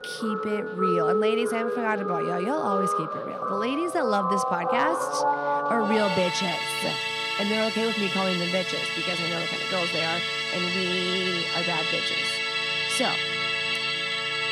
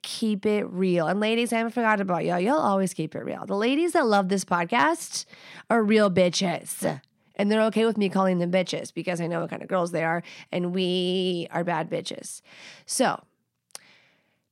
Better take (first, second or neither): second